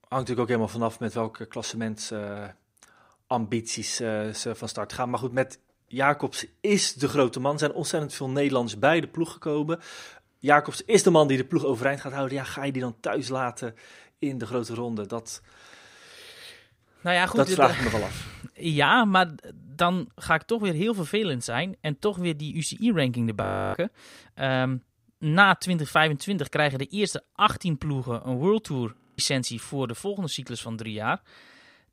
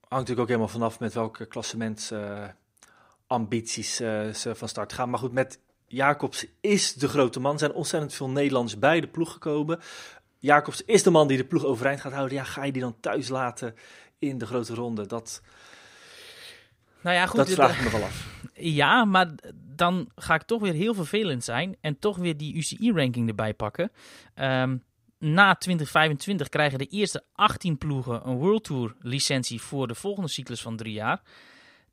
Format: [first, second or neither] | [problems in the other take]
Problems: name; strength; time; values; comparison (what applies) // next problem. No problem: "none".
second | audio freezing; at 23 s and at 29 s